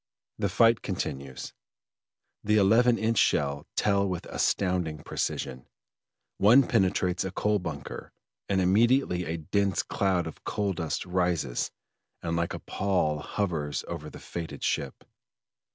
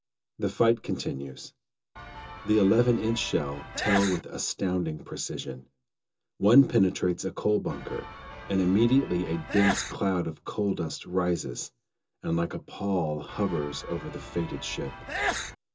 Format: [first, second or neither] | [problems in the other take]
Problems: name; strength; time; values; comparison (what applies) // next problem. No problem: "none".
first | background sound (Sneeze / Church bell); 8 dB below the speech // room echo; dies away in 0.2 s